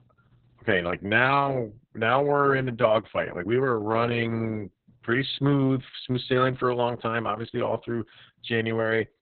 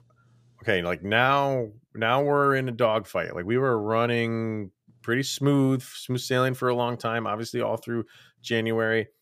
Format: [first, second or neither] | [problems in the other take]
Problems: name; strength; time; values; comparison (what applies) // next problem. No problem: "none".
second | garbled, watery; badly; nothing above 4 kHz